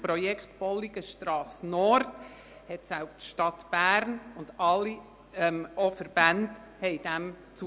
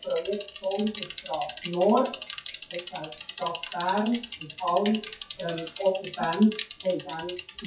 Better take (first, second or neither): first